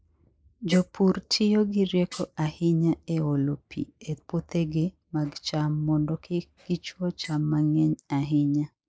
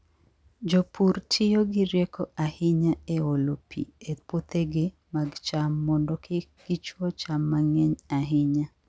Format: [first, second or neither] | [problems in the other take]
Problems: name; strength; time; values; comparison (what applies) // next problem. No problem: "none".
second | noise reduction (neural mask model Resemble Enhance denoiser)